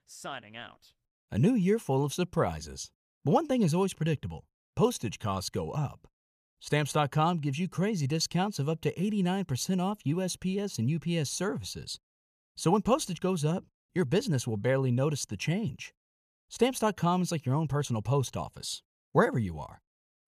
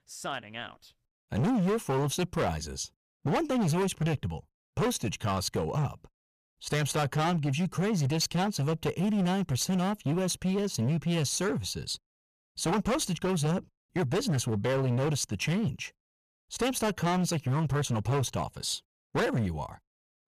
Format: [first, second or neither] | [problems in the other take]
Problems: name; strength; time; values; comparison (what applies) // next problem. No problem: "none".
first | distortion; heavy; 17% of the sound clipped